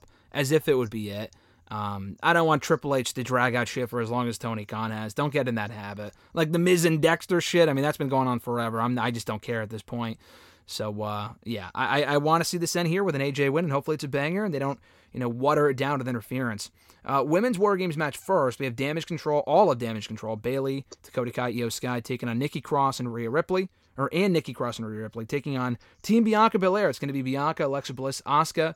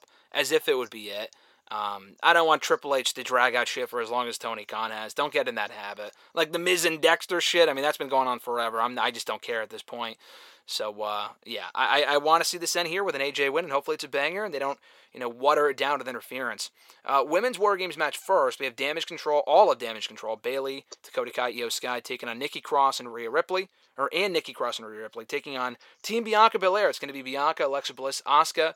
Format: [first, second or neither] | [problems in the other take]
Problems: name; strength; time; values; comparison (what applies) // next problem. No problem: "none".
first | thin; very; fading below 550 Hz